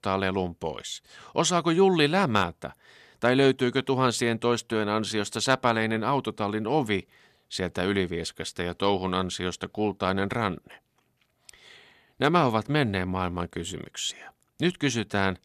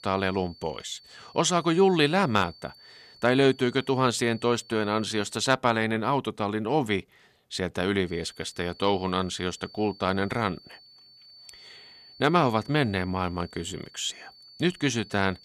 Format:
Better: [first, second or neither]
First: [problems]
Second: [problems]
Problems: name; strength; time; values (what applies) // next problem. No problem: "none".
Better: first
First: none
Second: high-pitched whine; faint; until 5.5 s and from 8 s on; 4.5 kHz, 25 dB below the speech